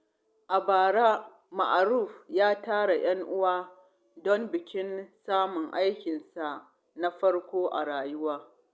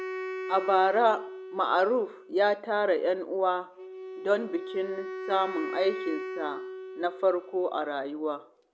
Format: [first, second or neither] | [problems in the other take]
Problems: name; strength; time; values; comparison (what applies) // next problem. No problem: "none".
first | background sound (Wind instrument, woodwind instrument); 10 dB below the speech